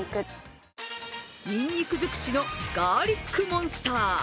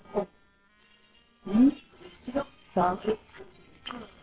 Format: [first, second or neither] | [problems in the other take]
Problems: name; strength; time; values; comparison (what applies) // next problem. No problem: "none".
first | noise reduction (neural separator model SepFormer WHAMR!)